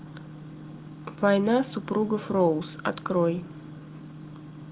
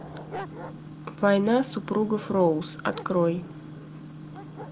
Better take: first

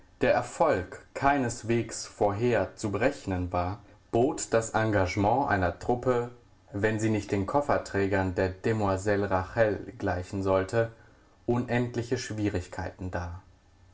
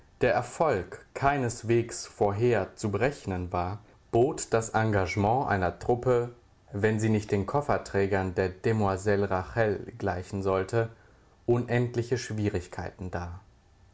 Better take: second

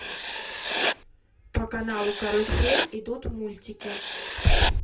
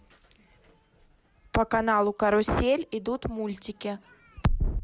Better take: second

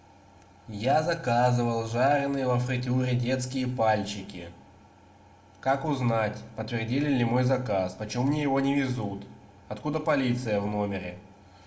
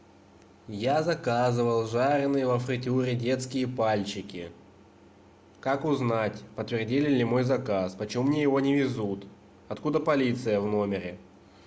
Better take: second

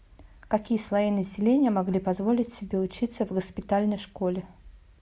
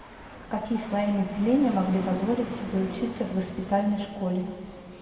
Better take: first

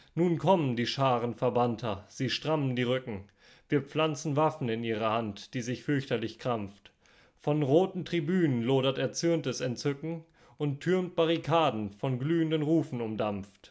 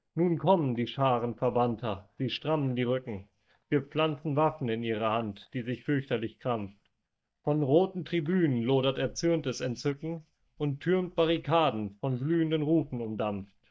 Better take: first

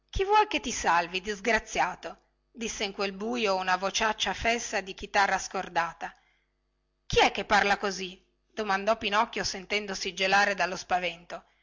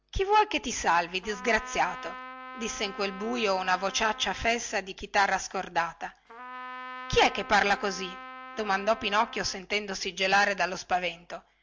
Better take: first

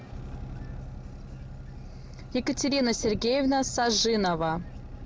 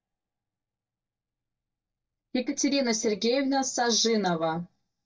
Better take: first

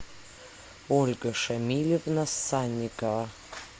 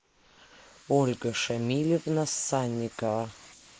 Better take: first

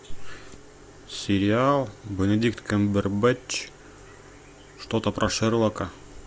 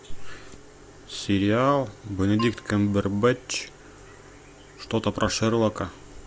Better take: first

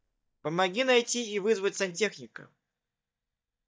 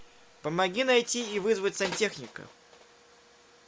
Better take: second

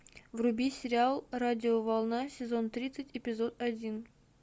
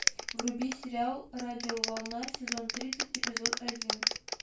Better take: first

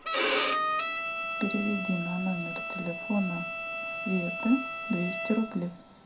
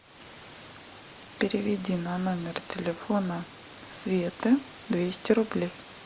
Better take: second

